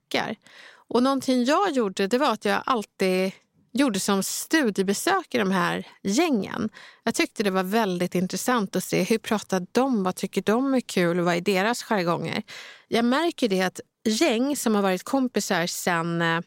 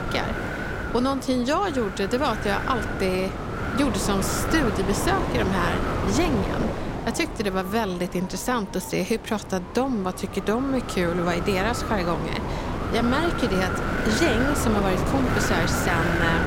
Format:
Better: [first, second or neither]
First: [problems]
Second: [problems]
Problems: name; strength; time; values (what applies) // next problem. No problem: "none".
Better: first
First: none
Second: wind noise on the microphone; heavy; 2 dB below the speech